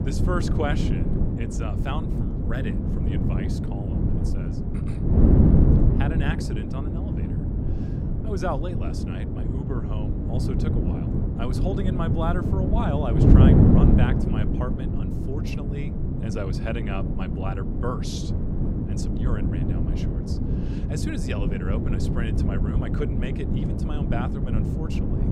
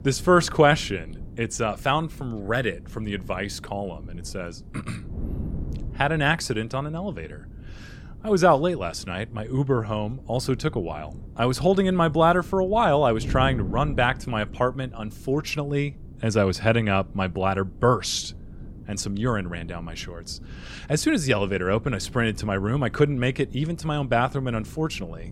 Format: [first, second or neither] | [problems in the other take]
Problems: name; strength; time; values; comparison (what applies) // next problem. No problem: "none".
second | wind noise on the microphone; heavy; 2 dB above the speech; occasional gusts in the second